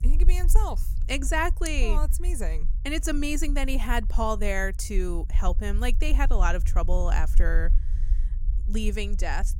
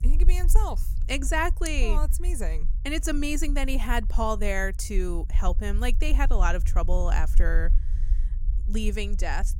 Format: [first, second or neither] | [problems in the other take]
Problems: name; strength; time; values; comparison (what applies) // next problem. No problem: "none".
neither | low rumble; faint; throughout; 20 dB below the speech; the same in both